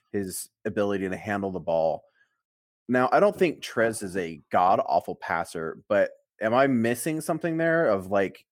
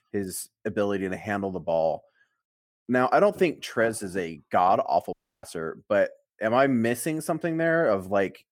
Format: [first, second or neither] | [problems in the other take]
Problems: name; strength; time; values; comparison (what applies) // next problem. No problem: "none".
first | audio cutting out; at 5 s